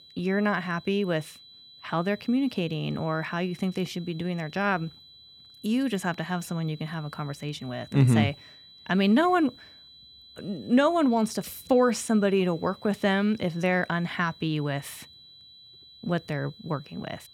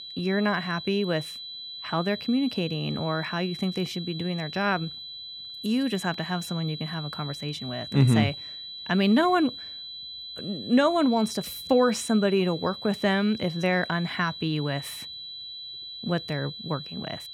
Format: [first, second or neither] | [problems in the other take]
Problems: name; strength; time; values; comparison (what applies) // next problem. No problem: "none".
first | high-pitched whine; loud; throughout; 4 kHz, 10 dB below the speech; faint in the first